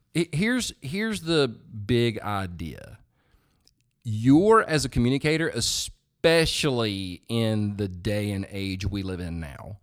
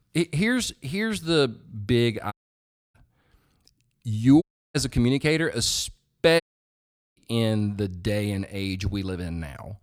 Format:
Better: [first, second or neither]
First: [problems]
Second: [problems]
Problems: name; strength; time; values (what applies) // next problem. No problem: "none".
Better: first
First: none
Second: audio cutting out; at 2.5 s for 0.5 s, at 4.5 s and at 6.5 s for 1 s